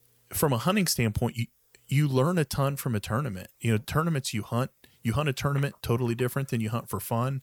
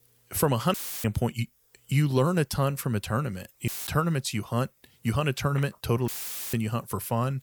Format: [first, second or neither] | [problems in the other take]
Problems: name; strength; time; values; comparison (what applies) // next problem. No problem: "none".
first | audio cutting out; filled with static; at 0.5 s, at 3.5 s and at 6 s